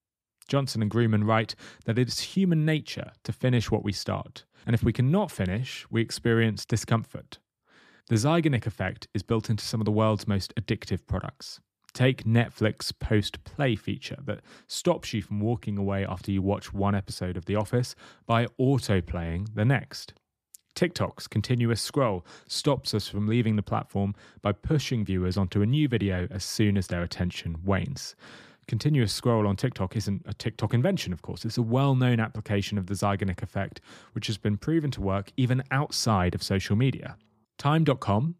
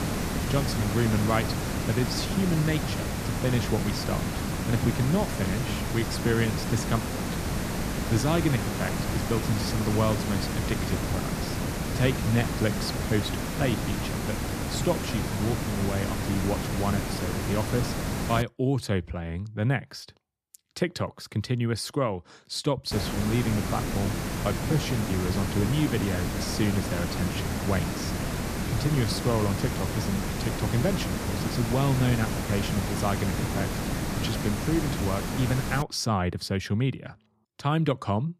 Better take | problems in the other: first | hiss; loud; until 18 s and from 23 to 36 s; 1 dB below the speech

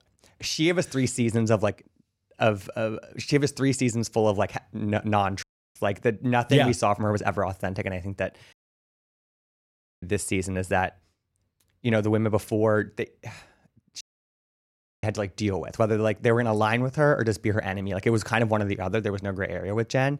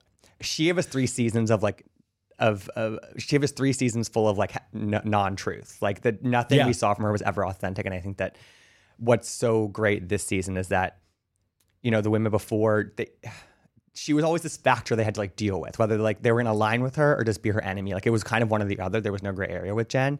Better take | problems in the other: second | audio cutting out; at 5.5 s, at 8.5 s for 1.5 s and at 14 s for 1 s

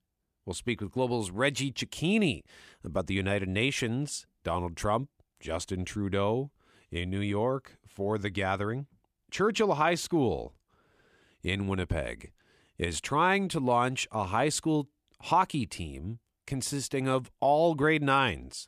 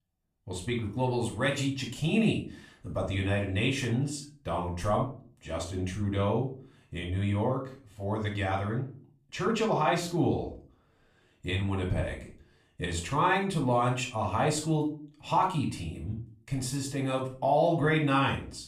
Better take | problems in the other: first | off-mic speech; far // room echo; slight; dies away in 0.3 s

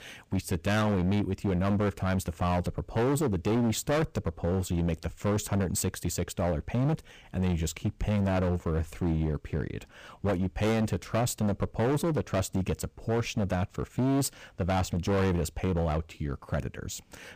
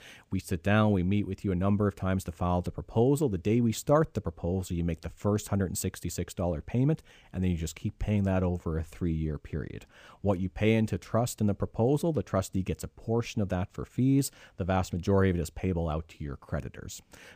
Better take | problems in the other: second | distortion; heavy; 17% of the sound clipped

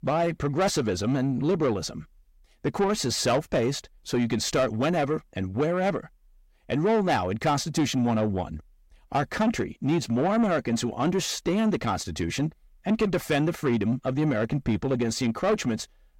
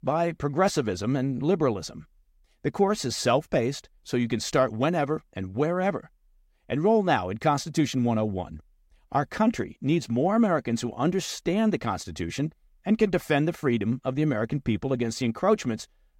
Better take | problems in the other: second | distortion; slight; 10 dB below the speech

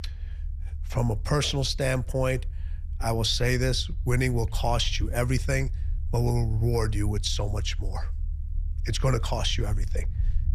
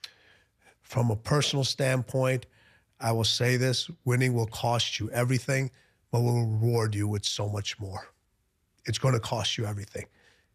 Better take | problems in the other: second | low rumble; faint; throughout; 25 dB below the speech

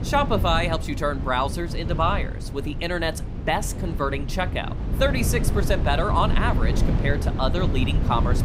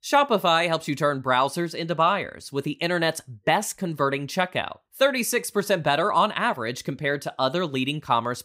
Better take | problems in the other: second | wind noise on the microphone; occasional gusts; 10 dB below the speech

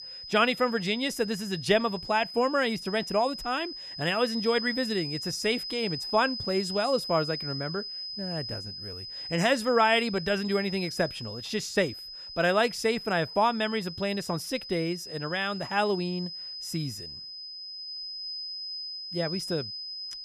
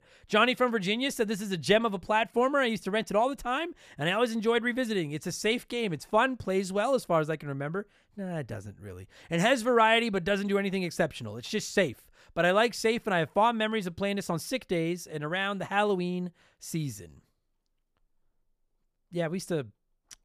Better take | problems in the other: second | high-pitched whine; loud; throughout; 5 kHz, 8 dB below the speech

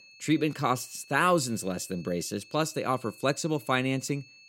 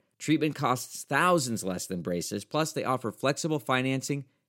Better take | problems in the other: second | high-pitched whine; faint; throughout; 2.5 kHz, 20 dB below the speech

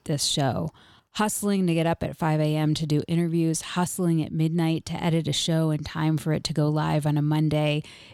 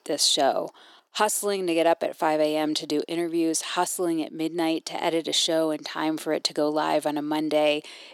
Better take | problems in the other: first | thin; very; fading below 350 Hz

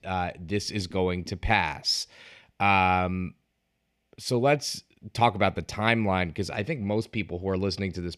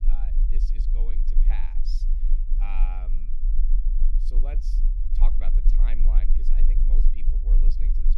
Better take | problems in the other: first | low rumble; loud; throughout; 5 dB below the speech

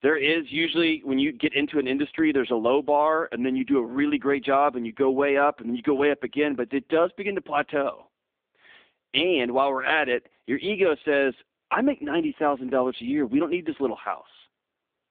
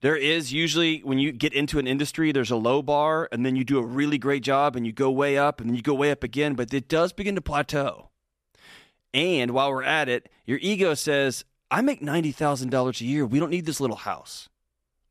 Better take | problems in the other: second | phone-call audio; poor line; nothing above 3.5 kHz

